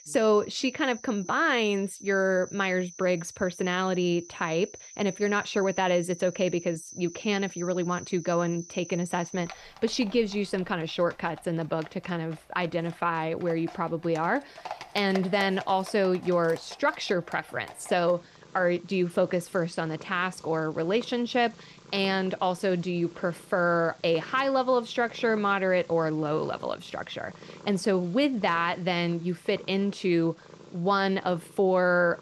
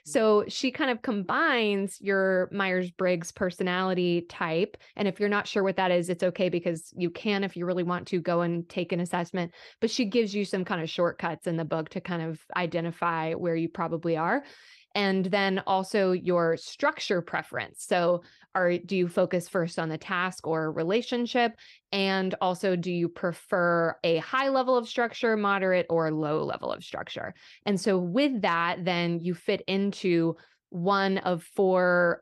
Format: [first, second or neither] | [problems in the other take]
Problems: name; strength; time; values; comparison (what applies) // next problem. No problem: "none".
second | animal sounds; noticeable; throughout; 20 dB below the speech